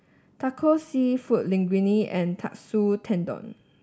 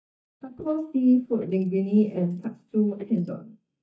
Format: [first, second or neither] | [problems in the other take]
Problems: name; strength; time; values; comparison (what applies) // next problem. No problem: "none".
first | noise reduction (neural mask model DeepFilterNet 3)